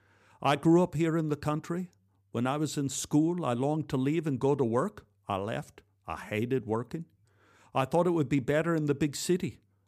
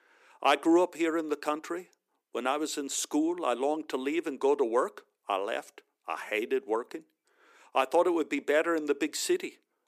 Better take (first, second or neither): first